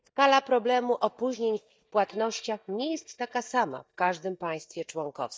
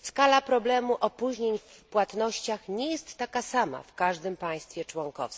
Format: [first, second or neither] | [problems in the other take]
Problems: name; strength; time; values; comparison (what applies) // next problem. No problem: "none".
second | noise reduction (neural mask model DeepFilterNet 3)